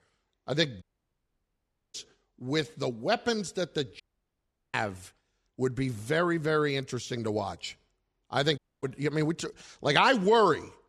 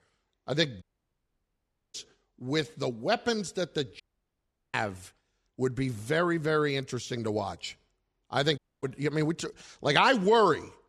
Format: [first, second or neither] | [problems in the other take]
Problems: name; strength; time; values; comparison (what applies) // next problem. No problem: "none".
neither | audio cutting out; at 1 s for 1 s, at 4 s for 0.5 s and at 8.5 s; the same in both